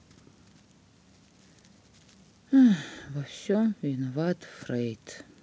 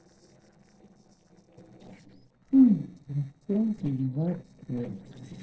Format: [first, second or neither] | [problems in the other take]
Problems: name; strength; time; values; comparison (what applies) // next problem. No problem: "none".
first | noise reduction (neural separator model SepFormer DNS4)